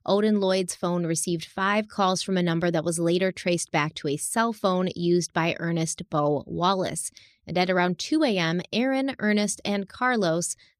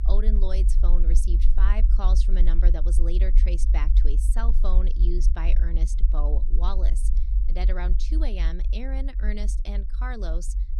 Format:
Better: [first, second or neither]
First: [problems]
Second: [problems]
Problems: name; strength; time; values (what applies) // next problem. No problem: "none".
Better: first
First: none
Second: low rumble; loud; throughout; 9 dB below the speech